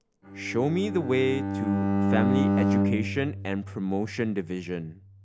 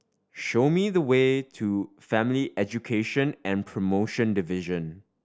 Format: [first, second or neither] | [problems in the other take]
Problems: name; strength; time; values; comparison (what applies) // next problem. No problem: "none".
second | background sound (Bowed string instrument); 1 dB above the speech